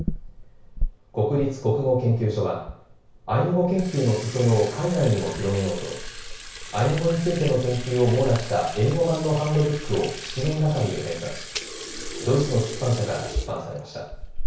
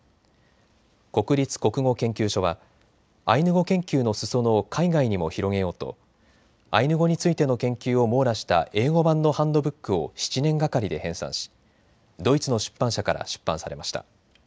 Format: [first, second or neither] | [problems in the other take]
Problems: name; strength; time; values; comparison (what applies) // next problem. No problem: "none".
second | background sound (Sink (filling or washing) / Water tap, faucet); 9 dB below the speech // room echo; dies away in 0.6 s